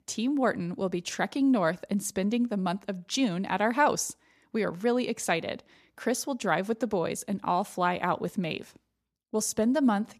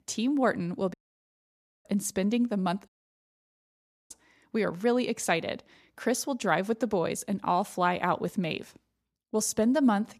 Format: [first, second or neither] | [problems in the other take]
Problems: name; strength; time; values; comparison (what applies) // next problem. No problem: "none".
first | audio cutting out; at 1 s for 1 s and at 3 s for 1 s